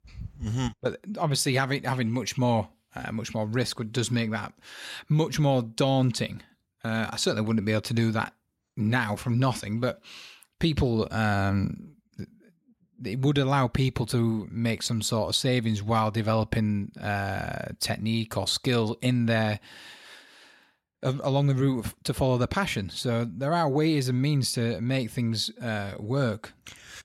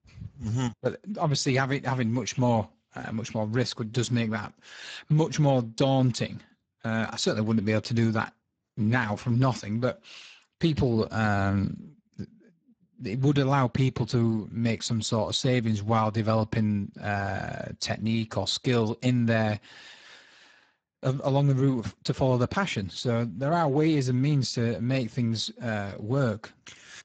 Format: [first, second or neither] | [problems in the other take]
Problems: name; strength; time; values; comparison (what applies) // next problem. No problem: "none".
first | garbled, watery; badly; nothing above 7.5 kHz